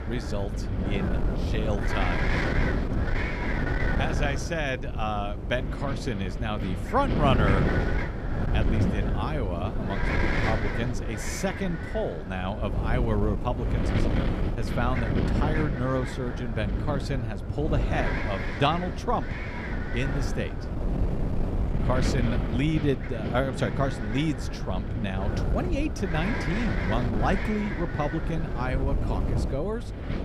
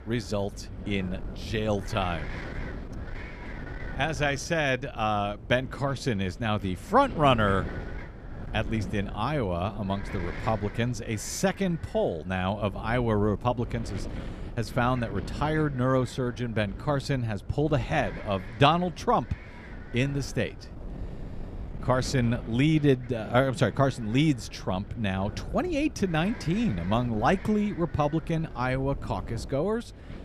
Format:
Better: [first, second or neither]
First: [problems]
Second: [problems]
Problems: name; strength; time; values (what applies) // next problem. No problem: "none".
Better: second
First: wind noise on the microphone; heavy; 2 dB below the speech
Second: wind noise on the microphone; occasional gusts; 15 dB below the speech